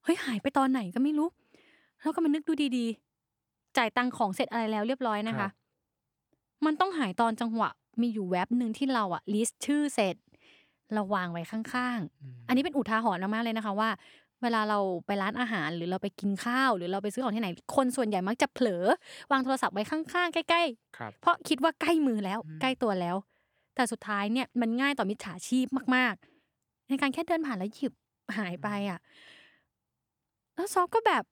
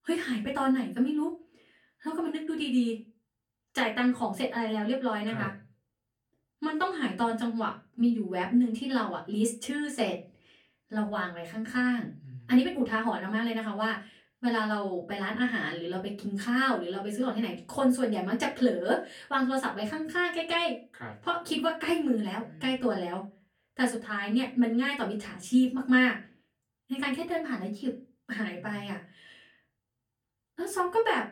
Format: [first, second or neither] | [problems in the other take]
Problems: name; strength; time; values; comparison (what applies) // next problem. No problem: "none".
first | off-mic speech; far // room echo; very slight; dies away in 0.3 s